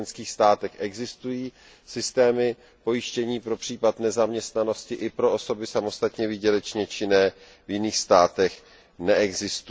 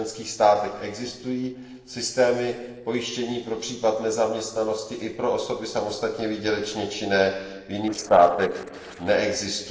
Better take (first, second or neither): first